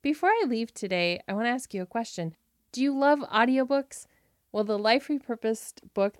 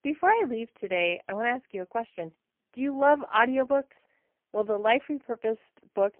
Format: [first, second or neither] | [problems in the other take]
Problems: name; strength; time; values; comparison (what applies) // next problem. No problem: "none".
first | phone-call audio; poor line; nothing above 3 kHz